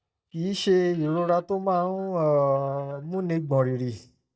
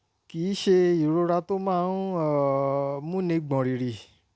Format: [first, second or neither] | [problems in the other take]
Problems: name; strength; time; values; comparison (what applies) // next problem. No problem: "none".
second | noise reduction (neural mask model DeepFilterNet 3)